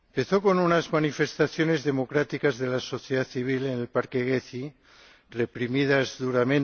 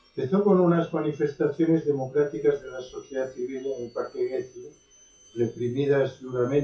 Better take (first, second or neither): first